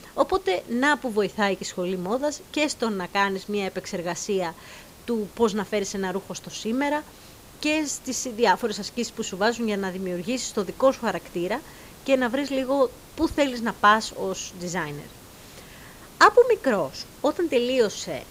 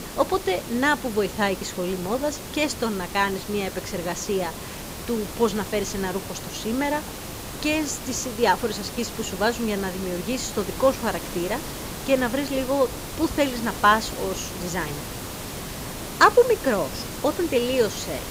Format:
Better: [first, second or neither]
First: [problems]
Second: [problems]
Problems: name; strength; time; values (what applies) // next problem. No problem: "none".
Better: first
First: hiss; faint; throughout; 20 dB below the speech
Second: hiss; loud; throughout; 9 dB below the speech